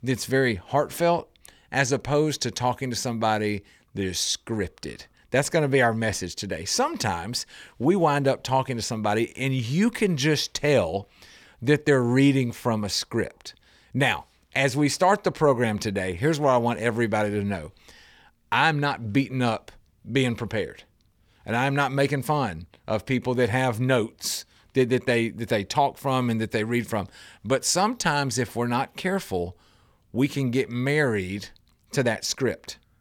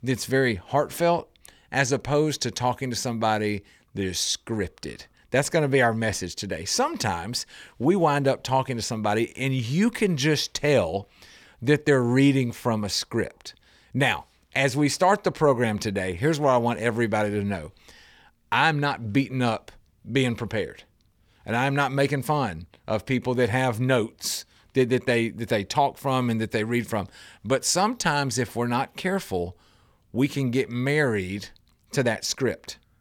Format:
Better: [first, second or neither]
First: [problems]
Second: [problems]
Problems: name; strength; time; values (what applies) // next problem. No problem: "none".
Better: neither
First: none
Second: none